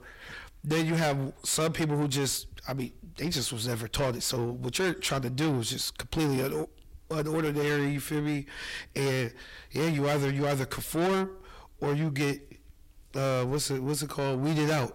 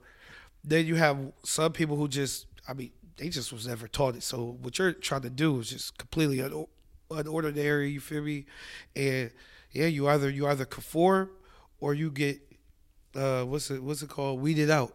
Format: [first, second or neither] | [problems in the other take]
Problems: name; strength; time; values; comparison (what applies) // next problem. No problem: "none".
second | distortion; heavy; 6 dB below the speech